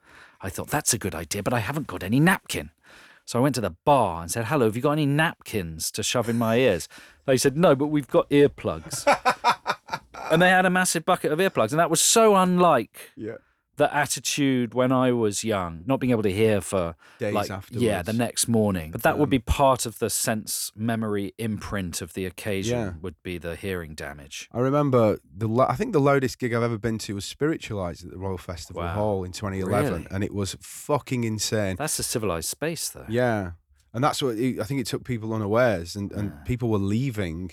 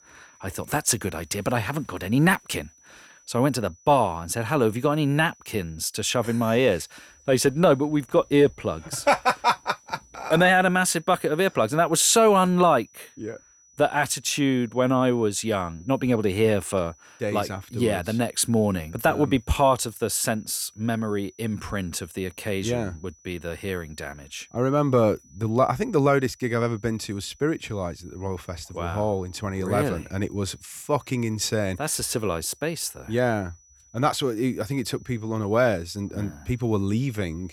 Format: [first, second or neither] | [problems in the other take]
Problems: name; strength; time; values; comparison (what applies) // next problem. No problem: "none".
first | high-pitched whine; faint; throughout; 6 kHz, 30 dB below the speech